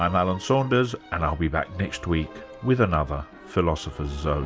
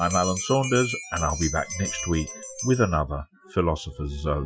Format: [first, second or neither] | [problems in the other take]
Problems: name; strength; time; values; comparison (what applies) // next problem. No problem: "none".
first | noise reduction (classical method Wiener filter)